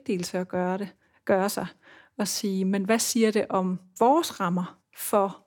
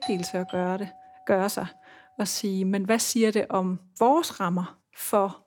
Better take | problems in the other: first | doorbell; noticeable; at the start; peak 10 dB below the speech

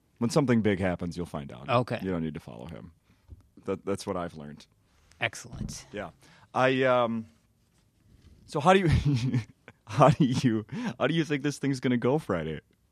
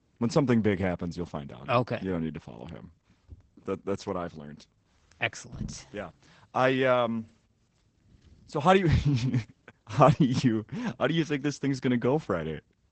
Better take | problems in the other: first | garbled, watery; badly; nothing above 8 kHz

